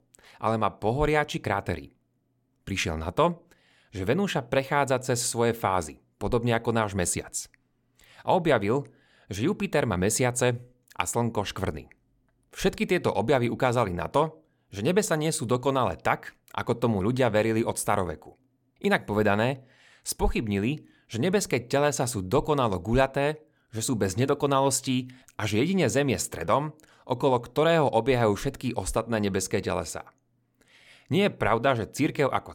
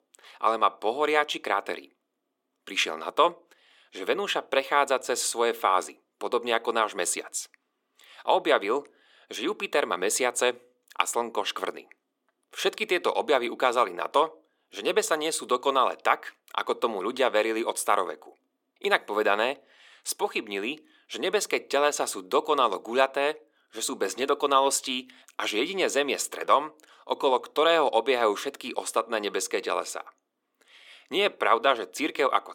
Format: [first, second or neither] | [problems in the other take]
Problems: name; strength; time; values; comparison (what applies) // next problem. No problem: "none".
first | thin; somewhat; fading below 300 Hz